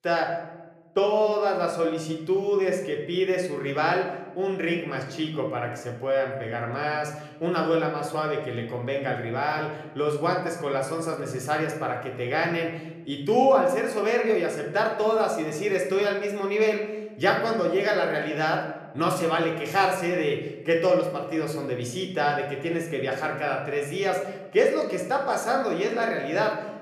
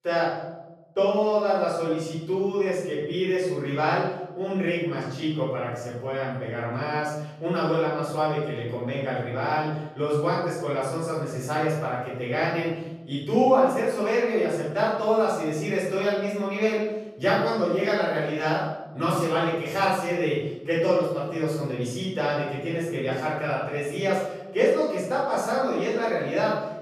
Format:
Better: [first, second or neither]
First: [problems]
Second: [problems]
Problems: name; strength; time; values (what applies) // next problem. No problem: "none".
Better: first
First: room echo; slight; dies away in 0.9 s // off-mic speech; somewhat distant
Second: room echo; strong; dies away in 1 s // off-mic speech; far